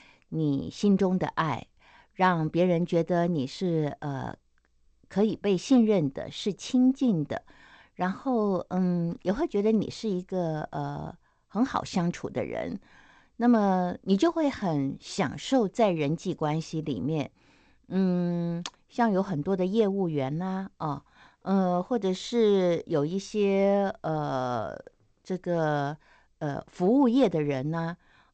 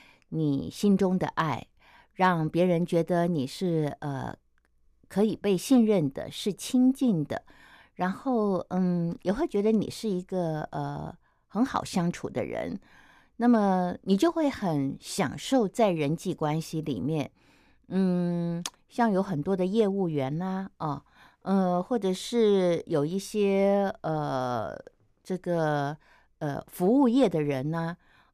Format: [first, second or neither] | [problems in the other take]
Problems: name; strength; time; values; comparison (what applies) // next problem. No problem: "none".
second | garbled, watery; slightly; nothing above 8 kHz